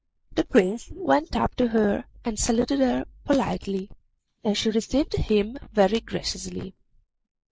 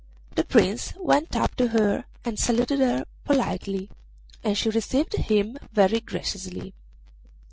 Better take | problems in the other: second | noise reduction (neural mask model Resemble Enhance denoiser)

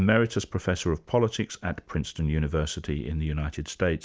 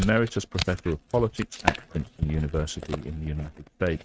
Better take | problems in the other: first | noise reduction (neural mask model RNNoise)

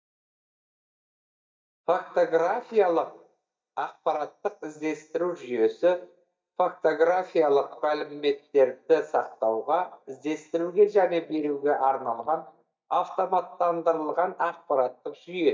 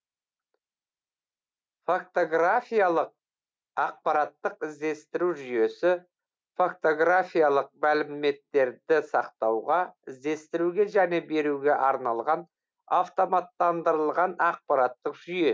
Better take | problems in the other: second | noise reduction (neural mask model DeepFilterNet 3)

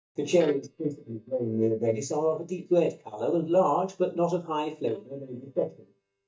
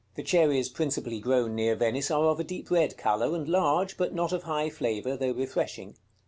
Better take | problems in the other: second | noise reduction (neural mask model DeepFilterNet 3)

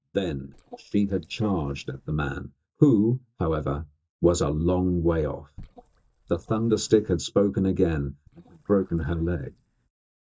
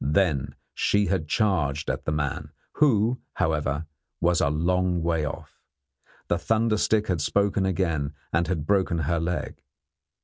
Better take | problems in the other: second | noise reduction (neural mask model DeepFilterNet 3)

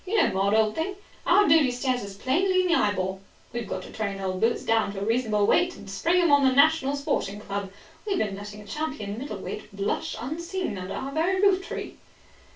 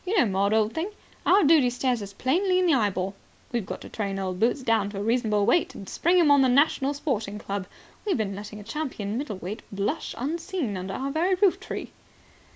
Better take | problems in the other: second | room echo; dies away in 0.2 s

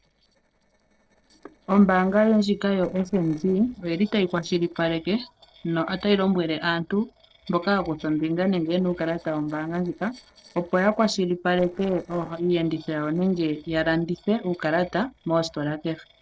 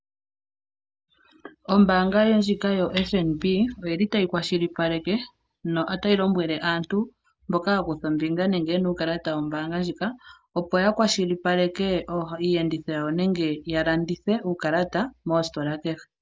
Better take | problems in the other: second | noise reduction (neural separator model SepFormer DNS4)

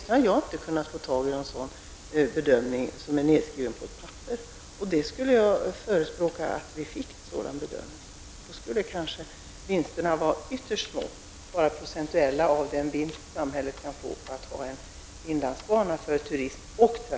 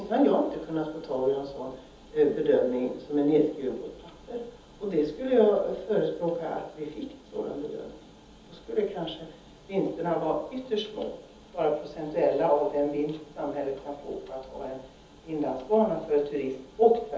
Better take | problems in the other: first | room echo; dies away in 0.7 s

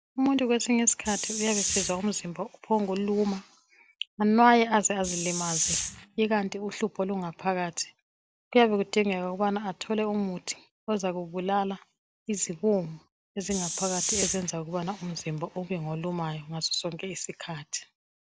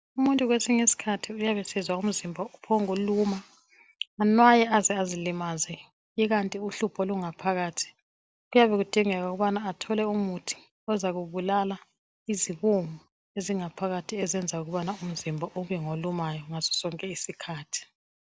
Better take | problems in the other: second | background sound (Hiss); 3 dB below the speech

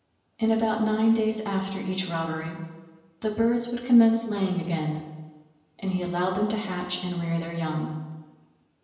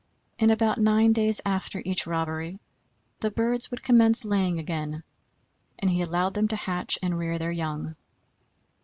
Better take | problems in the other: second | room echo; dies away in 1 s

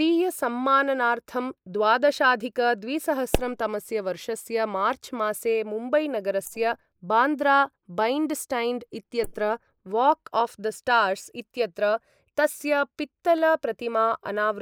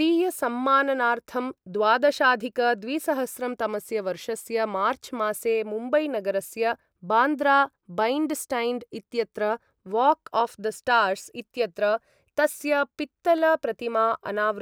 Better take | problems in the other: second | noise reduction (neural mask model Resemble Enhance denoiser)

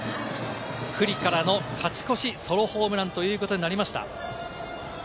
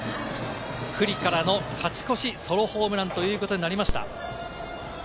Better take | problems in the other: first | background sound (Telephone); 10 dB below the speech

